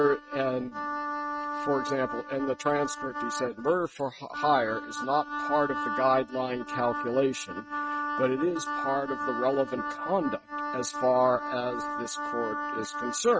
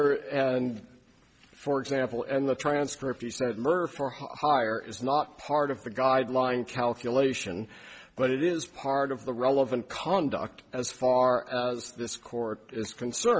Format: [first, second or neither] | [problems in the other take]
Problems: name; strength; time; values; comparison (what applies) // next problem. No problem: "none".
second | noise reduction (neural mask model RNNoise)